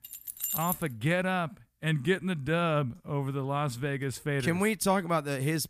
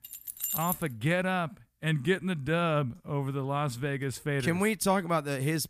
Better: neither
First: jangling keys; noticeable; at the start; peak 1 dB below the speech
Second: jangling keys; noticeable; at the start; peak 1 dB below the speech

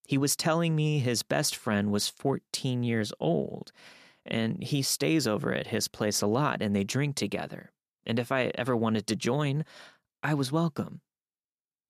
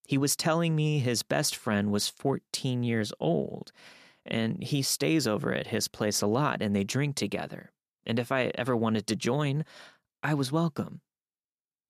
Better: neither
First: none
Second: none

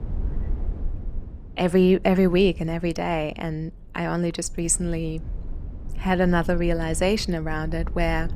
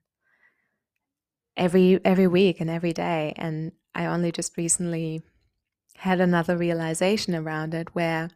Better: second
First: low rumble; faint; throughout; 25 dB below the speech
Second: none

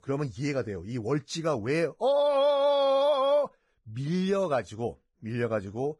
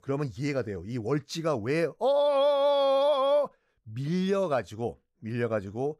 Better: second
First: garbled, watery; badly; nothing above 10.5 kHz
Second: none

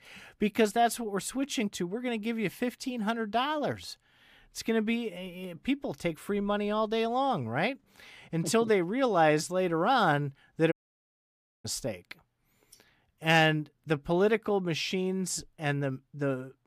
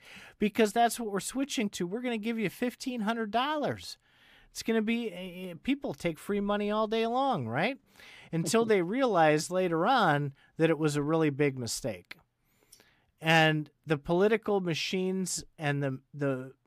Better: second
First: audio cutting out; at 11 s for 1 s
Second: none

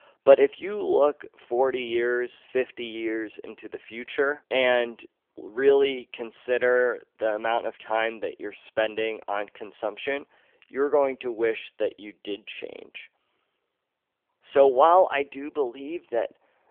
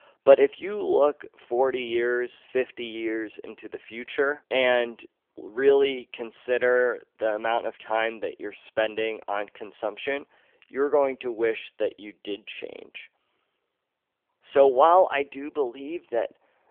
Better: neither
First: phone-call audio; nothing above 3.5 kHz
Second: phone-call audio; nothing above 3.5 kHz

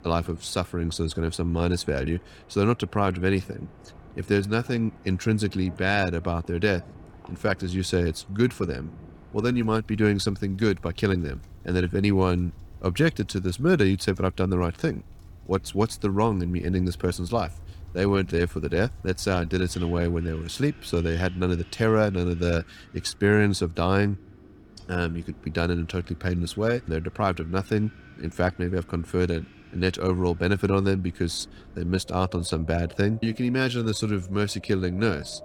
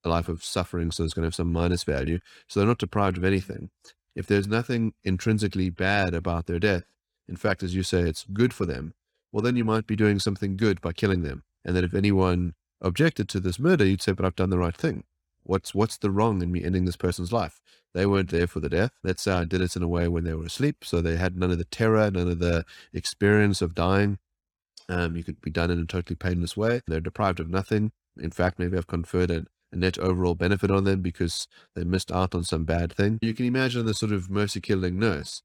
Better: second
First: wind in the background; faint; throughout; 20 dB below the speech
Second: none

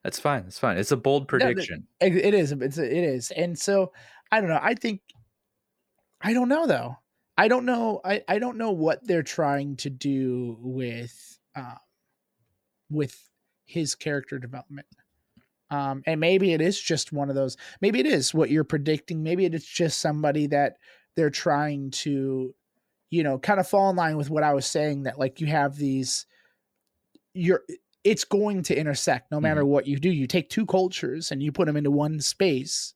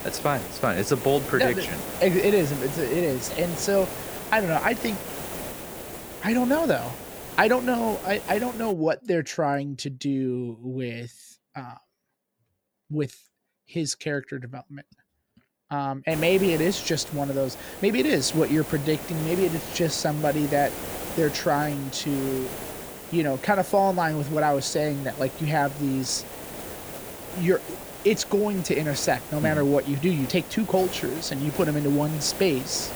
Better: first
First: none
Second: hiss; loud; until 8.5 s and from 16 s on; 10 dB below the speech

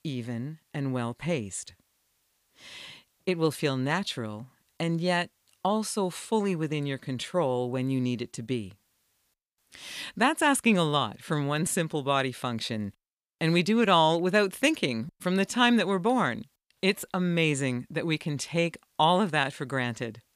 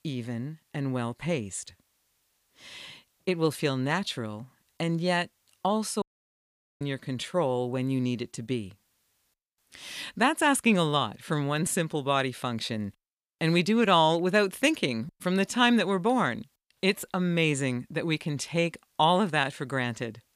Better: first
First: none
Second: audio cutting out; at 6 s for 1 s

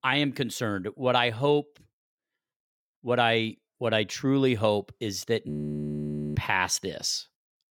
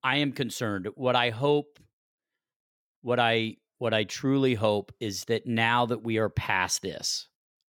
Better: second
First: audio freezing; at 5.5 s for 1 s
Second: none

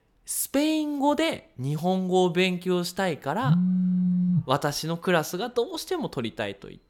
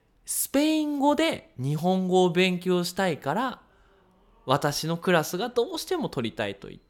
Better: second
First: phone ringing; loud; at 3.5 s; peak 4 dB above the speech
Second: none

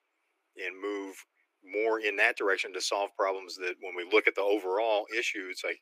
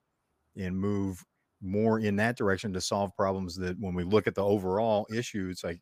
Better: second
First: thin; very; fading below 300 Hz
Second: none

